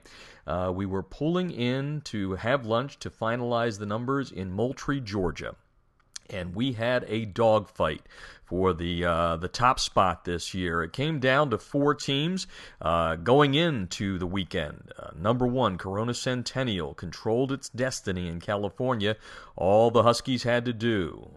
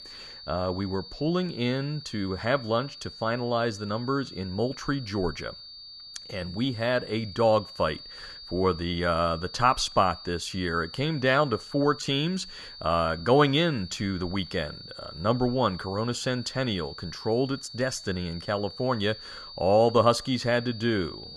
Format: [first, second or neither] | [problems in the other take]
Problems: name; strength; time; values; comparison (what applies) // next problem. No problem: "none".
first | high-pitched whine; noticeable; throughout; 4.5 kHz, 15 dB below the speech